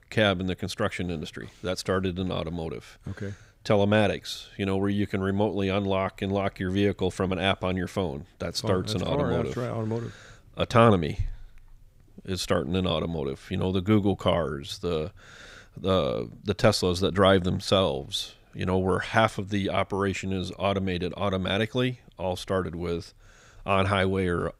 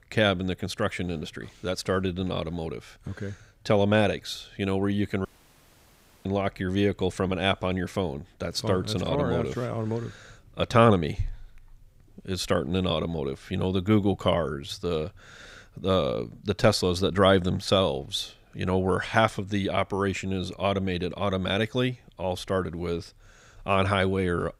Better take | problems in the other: first | audio cutting out; at 5.5 s for 1 s

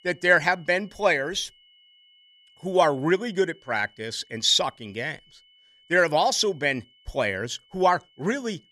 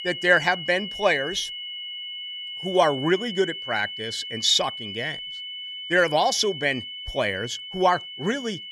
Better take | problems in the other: first | high-pitched whine; loud; throughout; 3 kHz, 9 dB below the speech; faint in the first

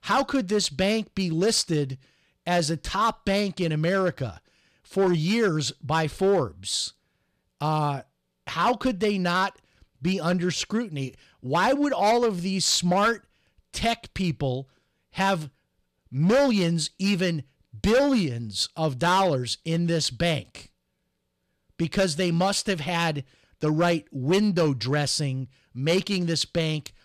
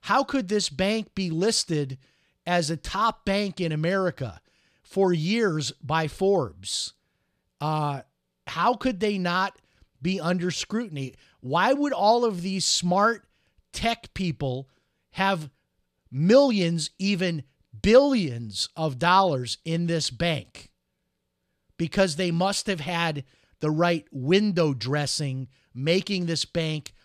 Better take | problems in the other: second | distortion; slight; 4% of the sound clipped

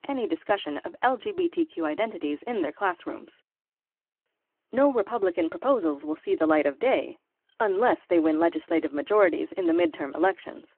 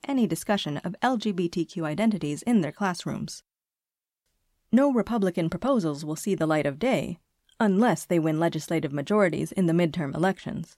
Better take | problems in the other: second | phone-call audio

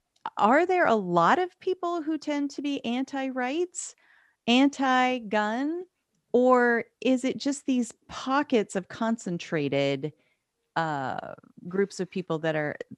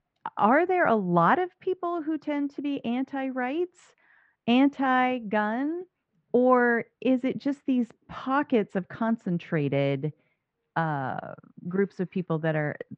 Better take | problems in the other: first | muffled; very; fading above 2 kHz

